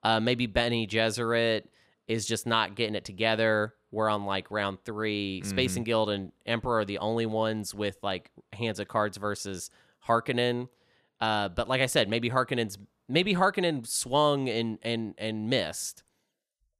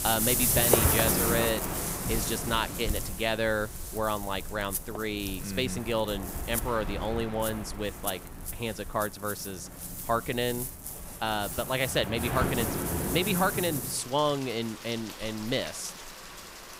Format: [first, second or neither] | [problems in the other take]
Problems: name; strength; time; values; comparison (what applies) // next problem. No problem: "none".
first | rain or running water; loud; throughout; as loud as the speech